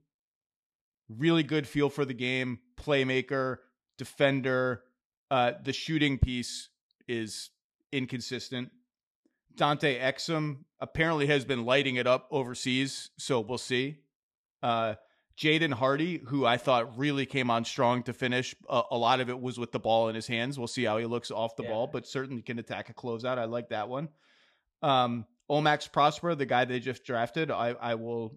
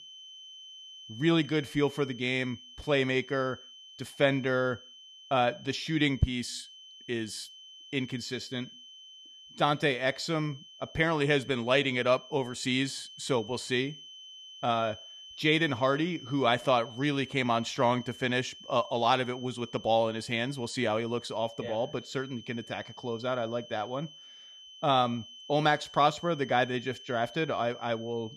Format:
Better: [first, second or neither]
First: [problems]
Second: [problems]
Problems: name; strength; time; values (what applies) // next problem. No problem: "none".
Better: first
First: none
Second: high-pitched whine; noticeable; throughout; 3 kHz, 15 dB below the speech